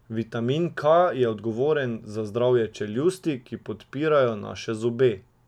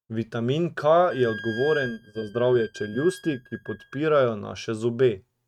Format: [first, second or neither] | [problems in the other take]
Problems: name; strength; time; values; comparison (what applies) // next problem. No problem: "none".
first | noise reduction (neural mask model RNNoise)